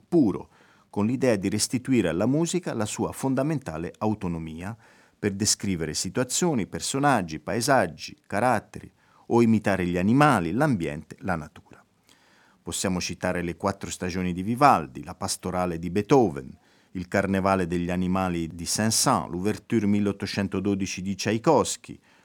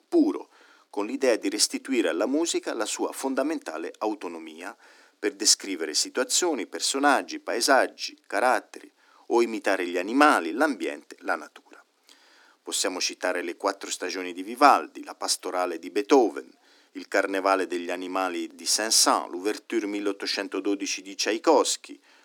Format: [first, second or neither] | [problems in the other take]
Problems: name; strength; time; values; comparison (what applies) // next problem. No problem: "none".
first | thin; somewhat; fading below 300 Hz